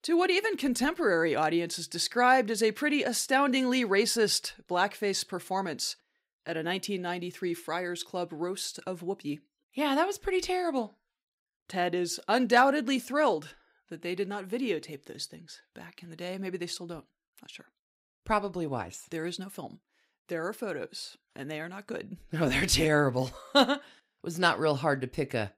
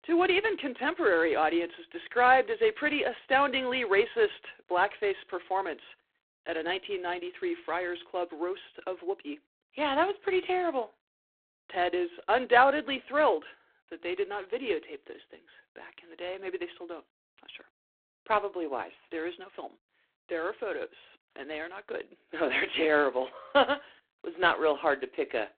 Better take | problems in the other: first | phone-call audio; poor line

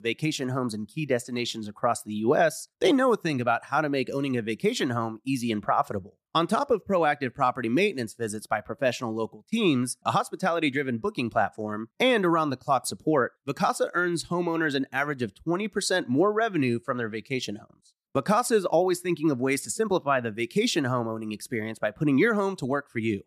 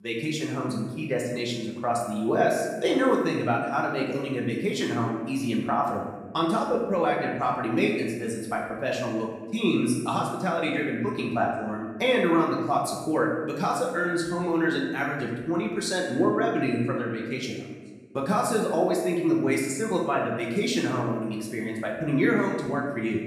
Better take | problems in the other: first | room echo; noticeable; dies away in 1.1 s // off-mic speech; far

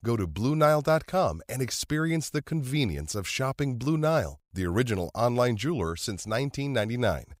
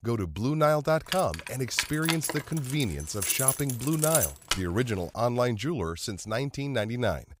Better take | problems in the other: first | jangling keys; loud; from 1 to 4.5 s; peak 5 dB above the speech

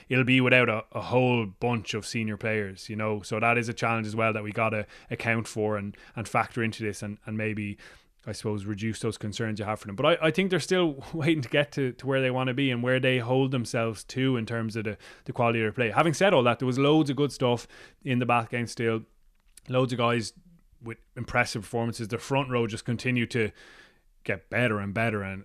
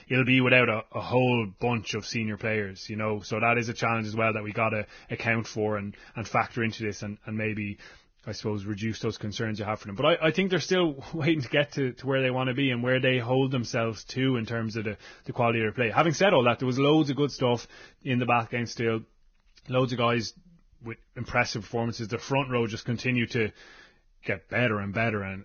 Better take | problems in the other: first | garbled, watery; badly; nothing above 6.5 kHz

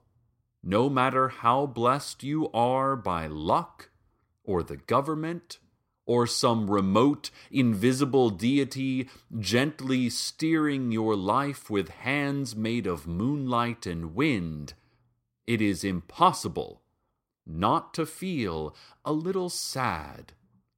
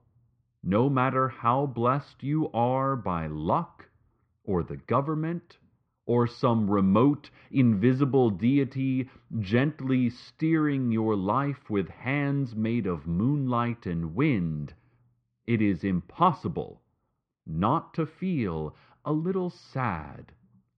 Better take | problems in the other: first | muffled; very; fading above 2.5 kHz

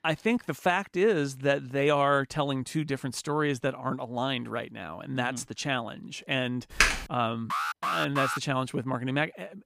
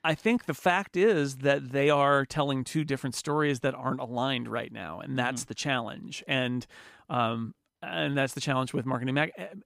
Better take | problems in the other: second | keyboard typing; loud; at 7 s; peak 5 dB above the speech // alarm; noticeable; at 7.5 s; peak 1 dB below the speech

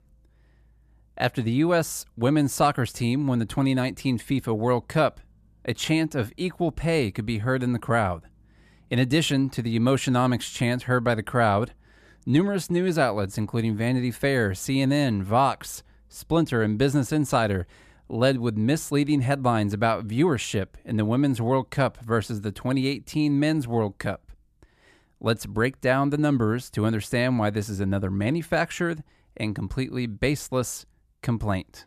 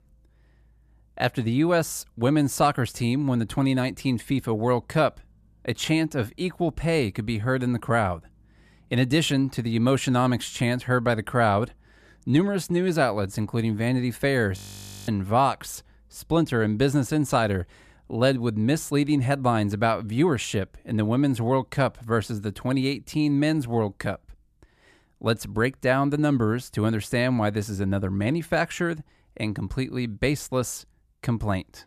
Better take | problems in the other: first | audio freezing; at 15 s for 0.5 s

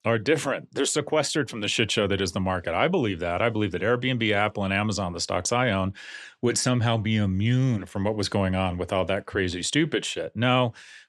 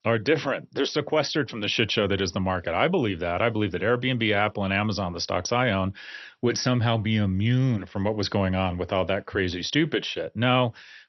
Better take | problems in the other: first | garbled, watery; slightly; nothing above 6 kHz

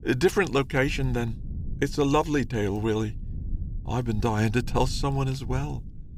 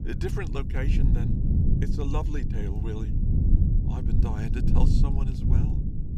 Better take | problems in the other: first | low rumble; loud; throughout; as loud as the speech; faint in the first

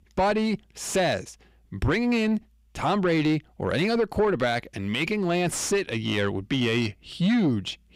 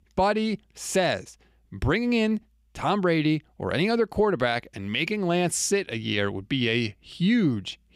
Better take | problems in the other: second | distortion; slight; 10 dB below the speech

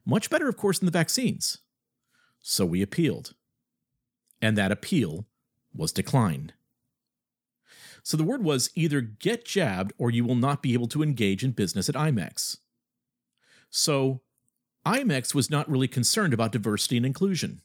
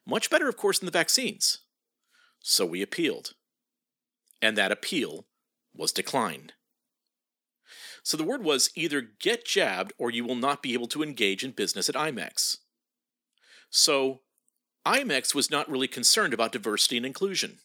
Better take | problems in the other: first | thin; somewhat; fading below 300 Hz

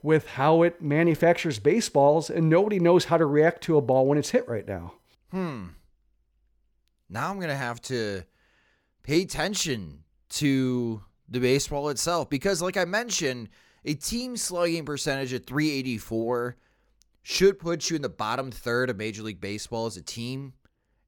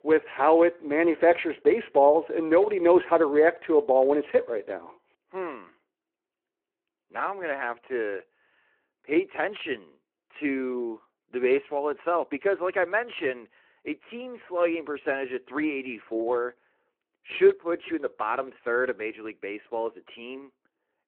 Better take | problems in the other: first | phone-call audio

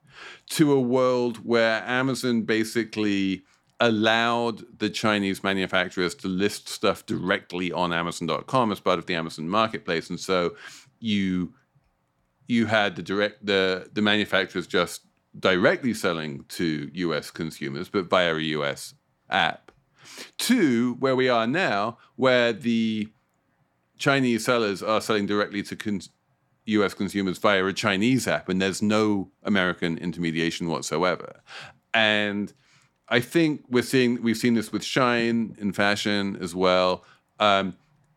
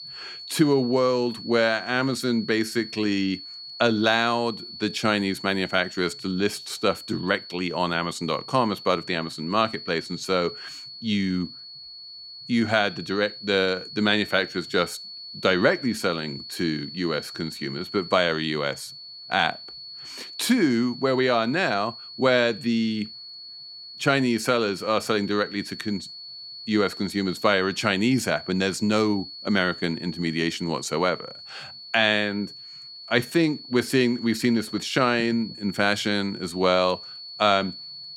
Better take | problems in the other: first | high-pitched whine; noticeable; throughout; 4.5 kHz, 15 dB below the speech

